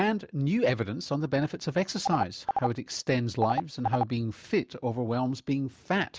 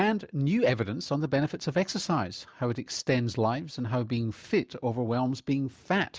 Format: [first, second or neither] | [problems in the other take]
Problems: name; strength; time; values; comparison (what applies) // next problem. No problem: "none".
second | background sound (Telephone); 4 dB below the speech